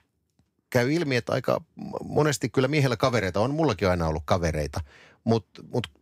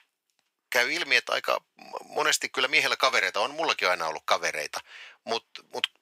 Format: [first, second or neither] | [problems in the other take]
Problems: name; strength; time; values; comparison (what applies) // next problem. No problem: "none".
first | thin; very; fading below 900 Hz